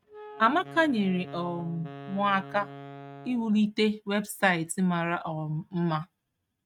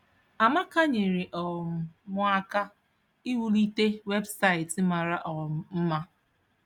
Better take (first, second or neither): second